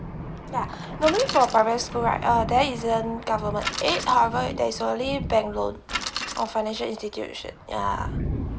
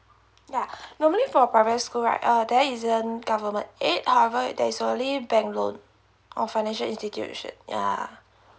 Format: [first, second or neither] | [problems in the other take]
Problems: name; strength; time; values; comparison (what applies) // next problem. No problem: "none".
second | background sound (Bicycle + Thunder); 7 dB below the speech